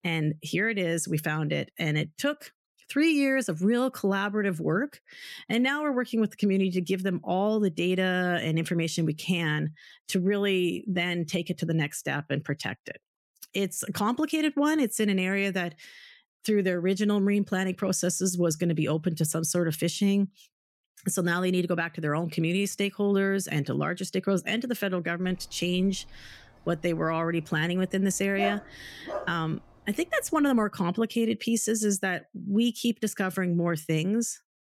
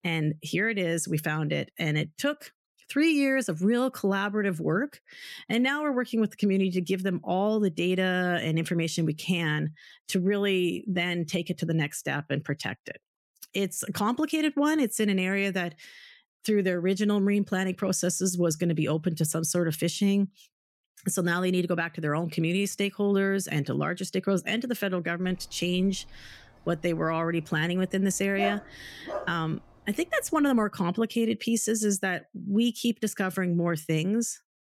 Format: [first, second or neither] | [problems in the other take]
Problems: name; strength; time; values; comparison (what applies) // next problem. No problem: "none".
neither | dog barking; noticeable; from 25 to 29 s; peak 5 dB below the speech; the same in both